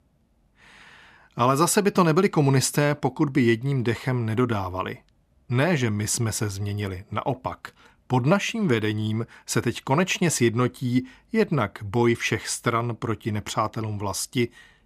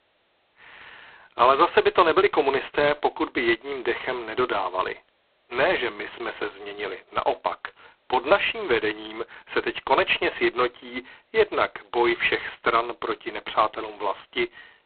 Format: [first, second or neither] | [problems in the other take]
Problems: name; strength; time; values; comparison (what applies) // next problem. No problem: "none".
first | phone-call audio; poor line; nothing above 4 kHz